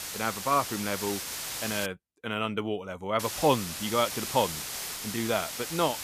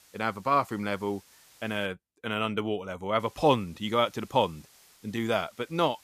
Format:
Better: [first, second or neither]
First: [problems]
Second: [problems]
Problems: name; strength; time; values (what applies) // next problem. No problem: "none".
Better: second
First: hiss; loud; until 2 s and from 3 s on; 4 dB below the speech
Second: hiss; faint; until 2 s and from 3 s on; 25 dB below the speech